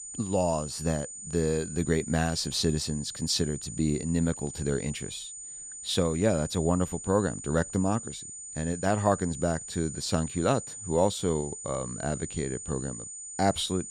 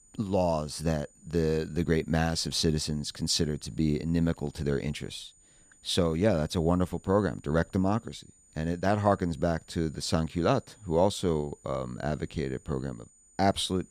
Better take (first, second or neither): second